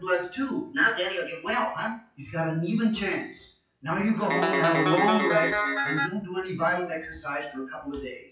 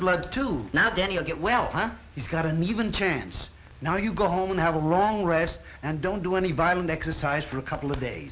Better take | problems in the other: second | noise reduction (classical method WPE with log-MMSE)

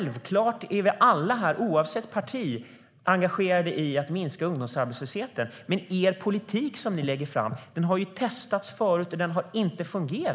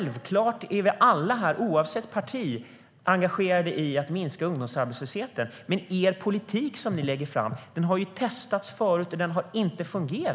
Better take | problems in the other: second | noise reduction (neural mask model Resemble Enhance denoiser)

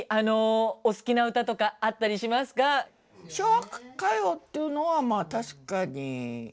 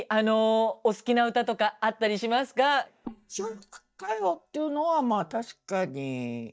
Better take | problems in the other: first | noise reduction (neural mask model DeepFilterNet 3)

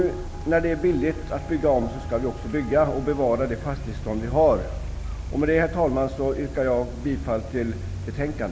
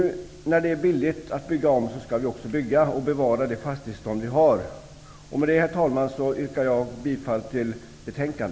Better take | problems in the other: second | background sound (Traffic noise, roadway noise); 8 dB below the speech

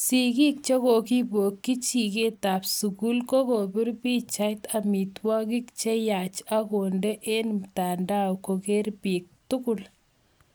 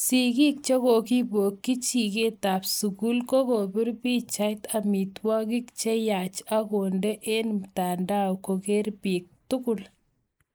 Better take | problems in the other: first | noise reduction (neural mask model Resemble Enhance denoiser)

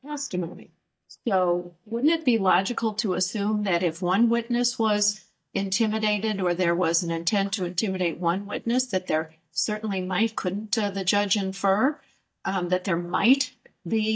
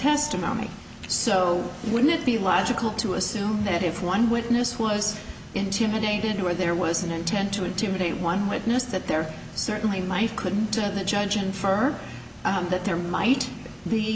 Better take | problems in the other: second | noise reduction (neural mask model DeepFilterNet 3)

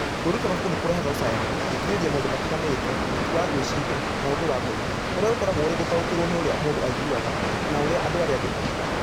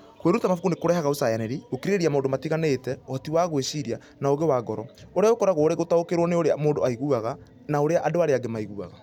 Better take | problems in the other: second | background sound (Water); 2 dB above the speech

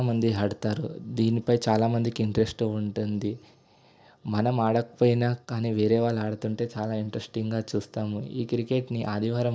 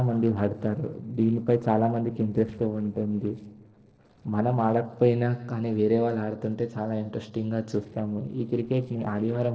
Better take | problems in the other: first | noise reduction (neural separator model SepFormer DNS4)

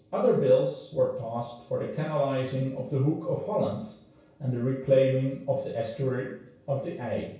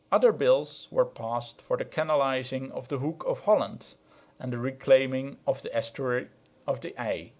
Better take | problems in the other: second | room echo; dies away in 0.6 s

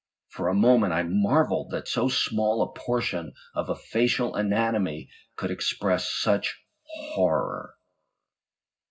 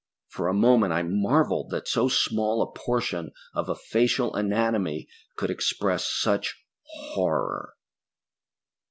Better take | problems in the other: second | room echo; dies away in 0.4 s

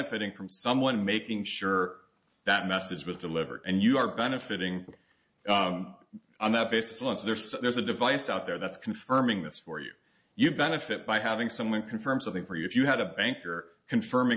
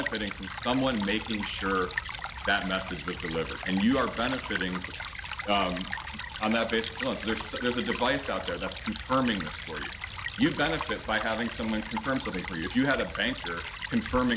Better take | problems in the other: first | background sound (Stream / Trickle, dribble); 7 dB below the speech

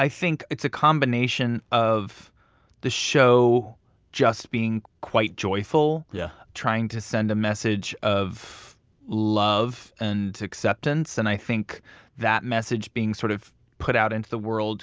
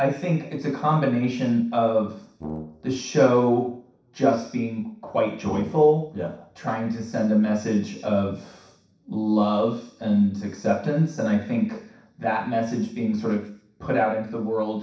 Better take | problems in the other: first | noise reduction (neural separator model SepFormer DNS4)

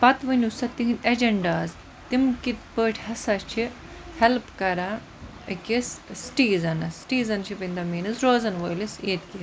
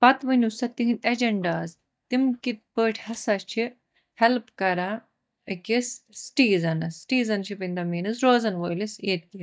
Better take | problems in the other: first | noise reduction (neural mask model DeepFilterNet 3)

